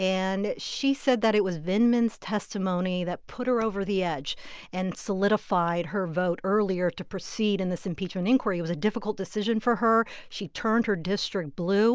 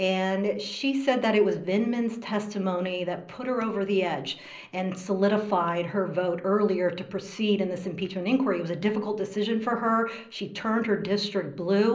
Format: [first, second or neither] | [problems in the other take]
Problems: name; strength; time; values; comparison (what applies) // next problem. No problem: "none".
first | room echo; dies away in 0.5 s